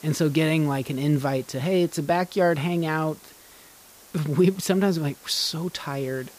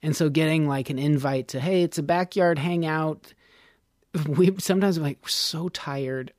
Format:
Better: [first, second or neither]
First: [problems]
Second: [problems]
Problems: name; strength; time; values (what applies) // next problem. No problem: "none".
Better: second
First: hiss; faint; throughout; 25 dB below the speech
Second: none